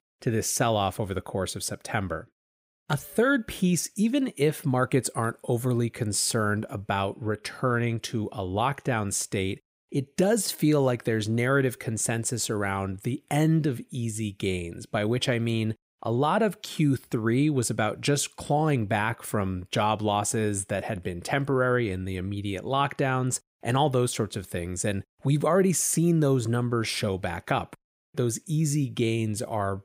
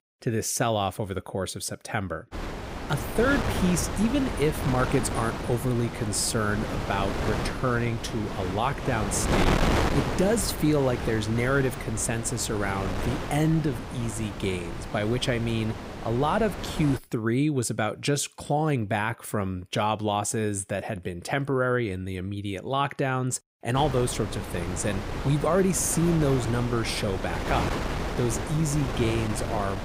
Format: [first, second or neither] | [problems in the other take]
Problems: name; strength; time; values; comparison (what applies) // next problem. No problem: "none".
first | wind noise on the microphone; heavy; from 2.5 to 17 s and from 24 s on; 4 dB below the speech